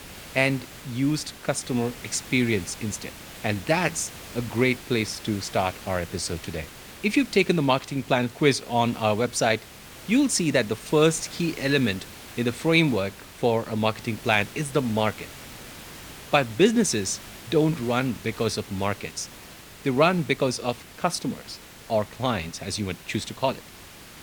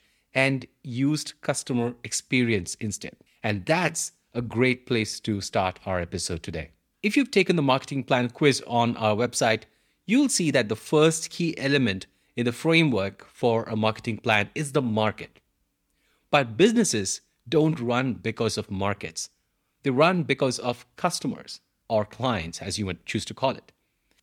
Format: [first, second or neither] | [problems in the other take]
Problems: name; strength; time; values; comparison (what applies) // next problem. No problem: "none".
second | hiss; noticeable; throughout; 15 dB below the speech